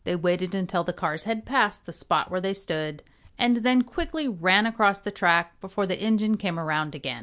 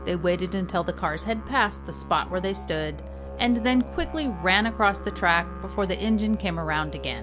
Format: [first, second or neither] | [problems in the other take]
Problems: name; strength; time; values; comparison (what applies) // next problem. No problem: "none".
first | background sound (Musical instrument); 10 dB below the speech